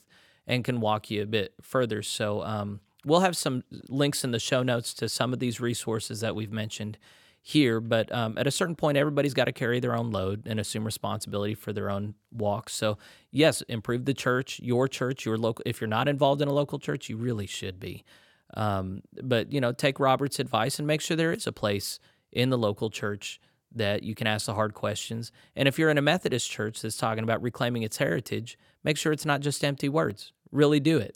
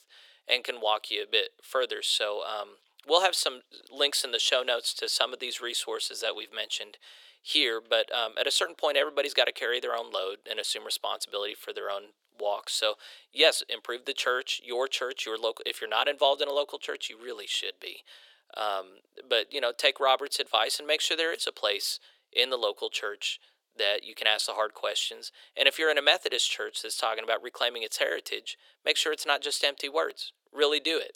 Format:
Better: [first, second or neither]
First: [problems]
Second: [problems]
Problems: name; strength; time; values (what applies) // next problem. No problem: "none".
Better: first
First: none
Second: thin; very; fading below 400 Hz